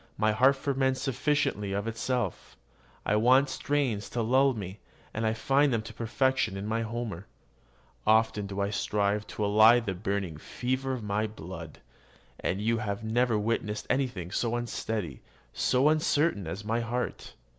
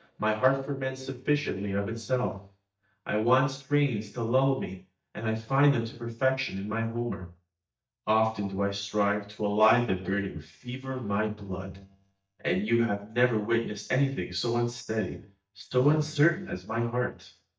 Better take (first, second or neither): first